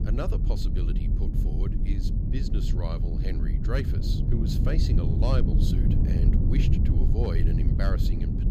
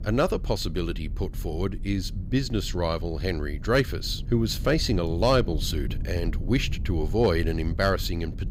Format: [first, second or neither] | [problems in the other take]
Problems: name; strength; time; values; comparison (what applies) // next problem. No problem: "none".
second | low rumble; loud; throughout; as loud as the speech; faint in the second